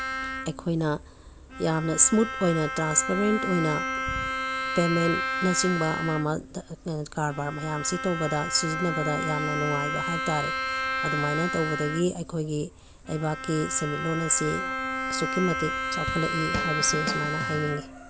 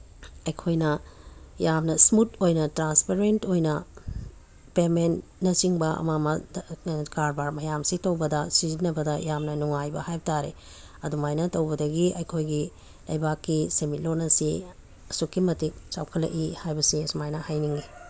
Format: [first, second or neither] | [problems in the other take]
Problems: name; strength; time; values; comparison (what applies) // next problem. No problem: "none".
second | background sound (Drum kit + Bowed string instrument); 3 dB below the speech